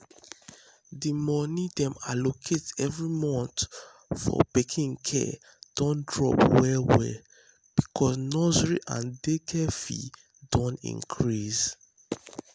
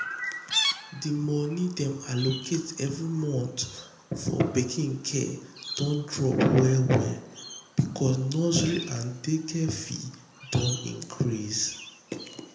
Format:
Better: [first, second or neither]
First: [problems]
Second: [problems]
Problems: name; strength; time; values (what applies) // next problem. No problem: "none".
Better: first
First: none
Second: background sound (Chirp, tweet); 11 dB below the speech // room echo; dies away in 0.7 s